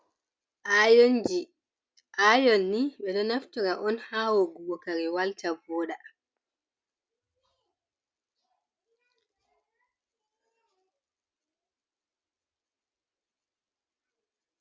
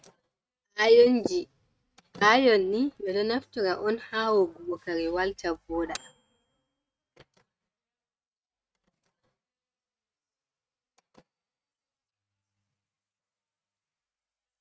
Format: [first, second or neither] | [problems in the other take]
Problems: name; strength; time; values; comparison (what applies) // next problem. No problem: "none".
first | noise reduction (neural mask model RNNoise)